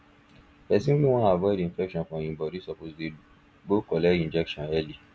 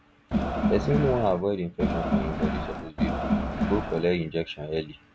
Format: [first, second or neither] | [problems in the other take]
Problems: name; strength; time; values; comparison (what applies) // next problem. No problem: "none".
first | background sound (Crowd); 2 dB above the speech